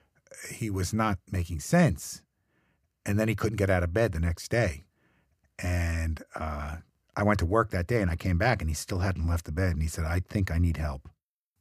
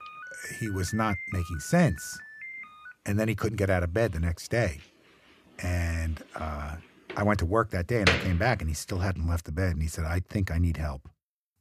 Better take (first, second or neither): first